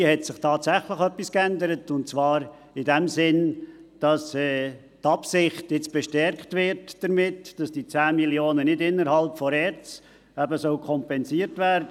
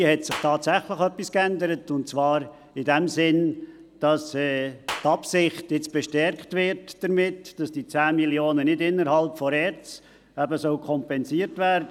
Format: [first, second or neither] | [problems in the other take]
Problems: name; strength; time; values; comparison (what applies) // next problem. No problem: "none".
first | background sound (Clapping); 18 dB below the speech